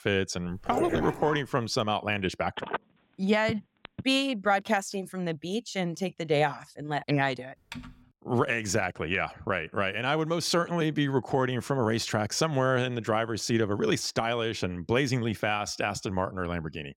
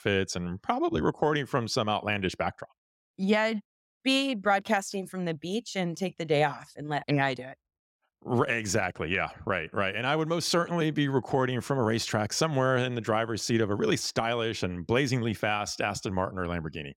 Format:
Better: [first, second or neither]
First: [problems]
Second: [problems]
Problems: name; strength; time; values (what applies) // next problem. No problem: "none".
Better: second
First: dog barking; noticeable; at 0.5 s; peak 3 dB below the speech // phone ringing; noticeable; from 2.5 to 4 s; peak 7 dB below the speech // keyboard typing; faint; at 7.5 s; peak 15 dB below the speech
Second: none